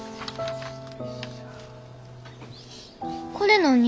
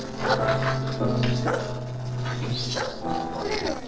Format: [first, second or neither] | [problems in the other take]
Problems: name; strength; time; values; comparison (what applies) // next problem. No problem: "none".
first | noise reduction (neural separator model SepFormer DNS4)